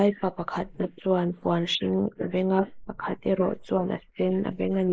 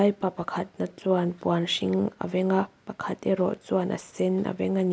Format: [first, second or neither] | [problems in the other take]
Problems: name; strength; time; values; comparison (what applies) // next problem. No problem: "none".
second | noise reduction (neural mask model Resemble Enhance denoiser)